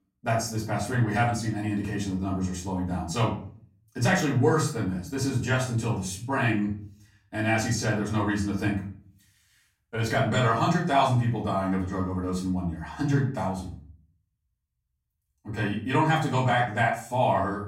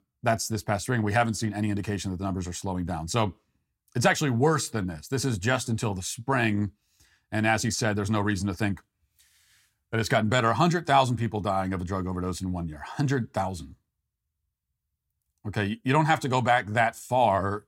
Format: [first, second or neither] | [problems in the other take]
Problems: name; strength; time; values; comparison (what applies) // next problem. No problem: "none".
second | room echo; slight; dies away in 0.5 s // off-mic speech; far